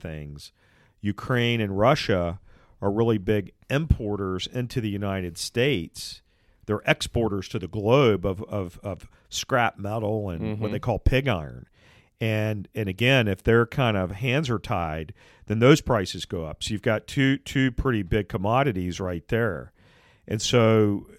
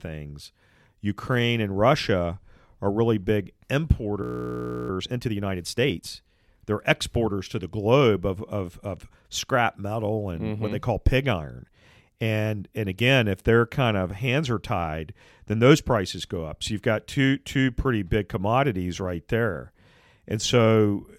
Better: first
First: none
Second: audio freezing; at 4 s for 0.5 s

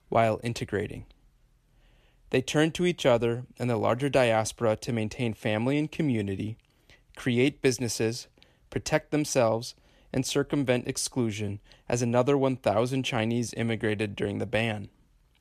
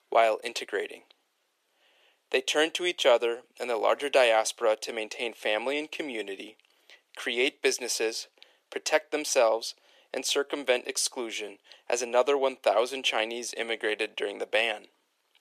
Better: first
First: none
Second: thin; very; fading below 400 Hz

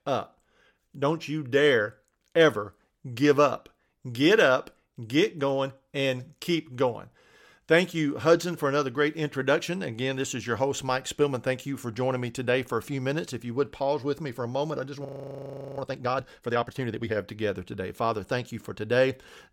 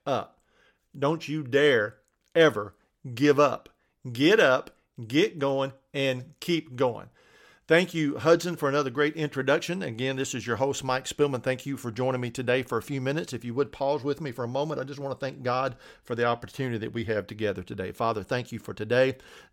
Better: second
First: audio freezing; at 15 s for 0.5 s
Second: none

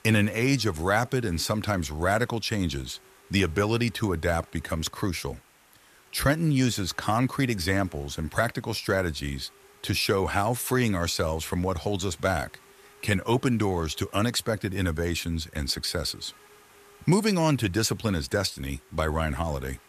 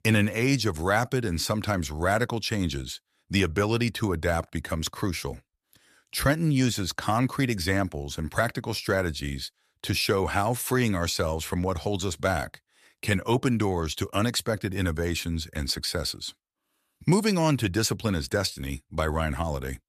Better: second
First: hiss; faint; throughout; 25 dB below the speech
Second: none

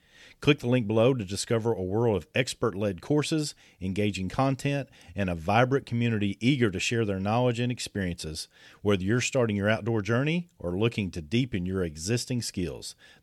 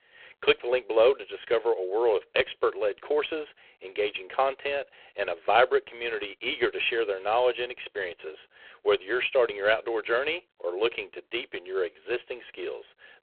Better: first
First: none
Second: phone-call audio; poor line

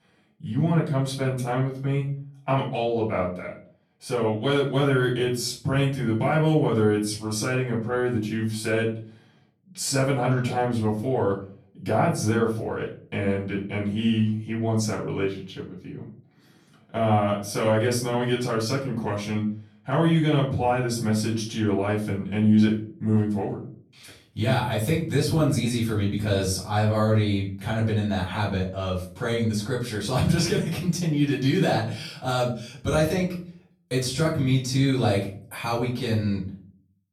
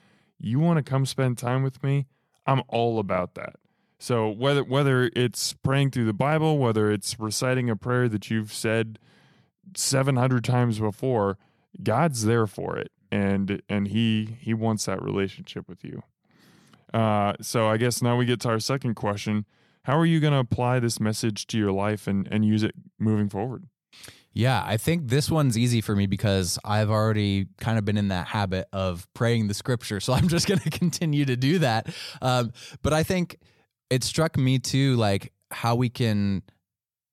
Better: second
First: off-mic speech; far // room echo; slight; dies away in 0.4 s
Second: none

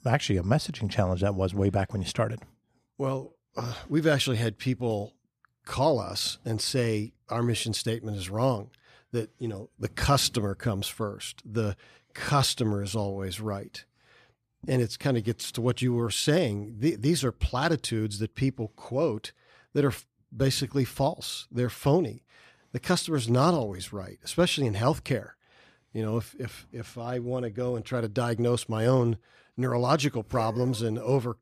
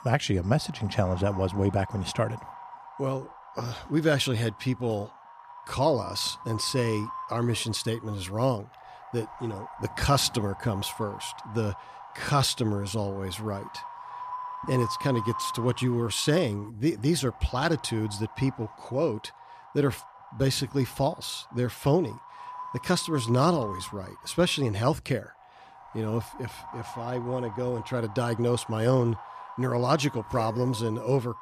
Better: first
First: none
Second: wind noise on the microphone; occasional gusts; 10 dB below the speech

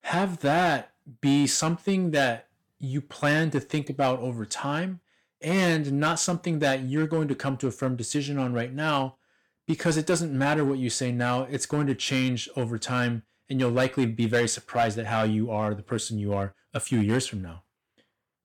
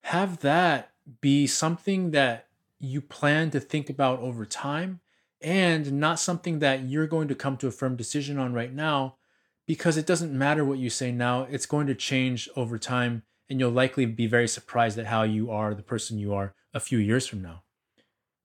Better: second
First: distortion; slight; 3% of the sound clipped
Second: none

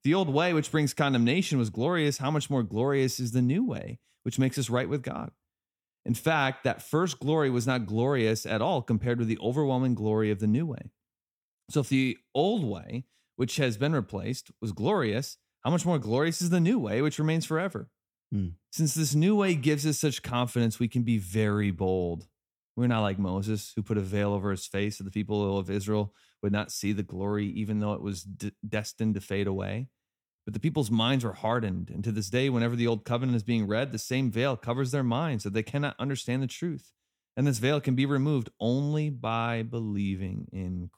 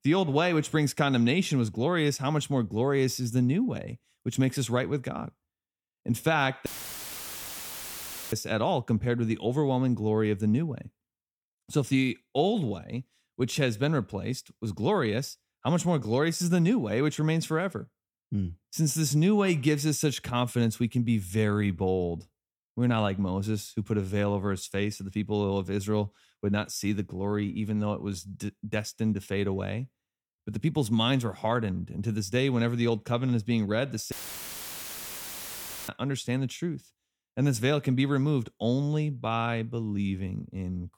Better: first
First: none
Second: audio cutting out; filled with static; at 6.5 s for 1.5 s and at 34 s for 2 s

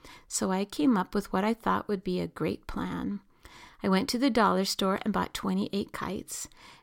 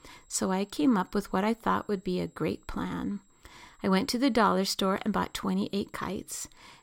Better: first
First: none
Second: high-pitched whine; faint; throughout; 7.5 kHz, 35 dB below the speech

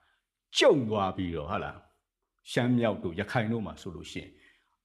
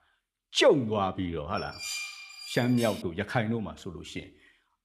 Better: first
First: none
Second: clattering dishes; noticeable; from 1.5 to 3 s; peak 6 dB below the speech

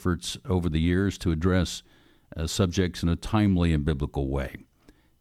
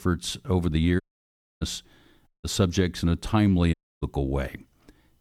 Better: first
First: none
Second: audio cutting out; at 1 s for 0.5 s, at 2.5 s and at 3.5 s

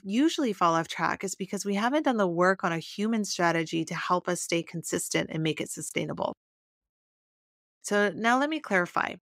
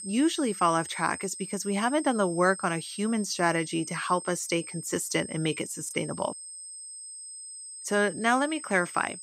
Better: first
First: none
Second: high-pitched whine; noticeable; throughout; 8.5 kHz, 10 dB below the speech

